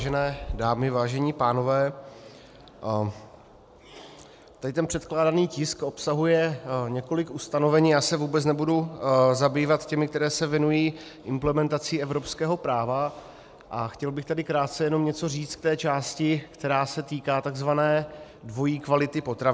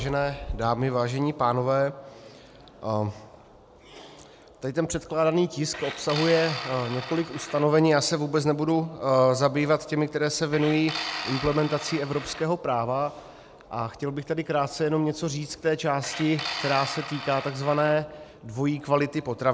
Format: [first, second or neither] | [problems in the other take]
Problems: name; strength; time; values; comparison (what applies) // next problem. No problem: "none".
first | background sound (Tools); 11 dB below the speech